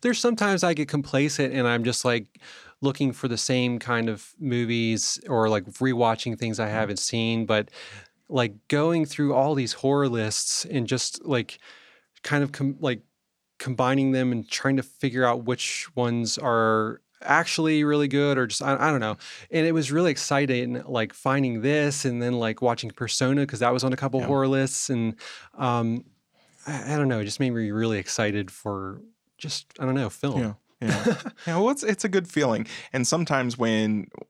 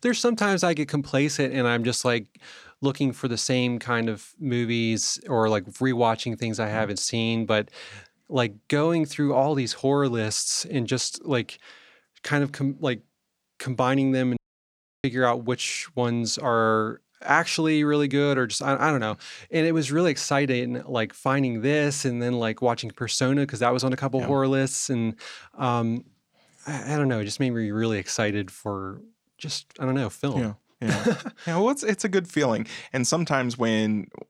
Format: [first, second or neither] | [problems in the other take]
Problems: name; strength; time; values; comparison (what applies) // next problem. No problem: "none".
first | audio cutting out; at 14 s for 0.5 s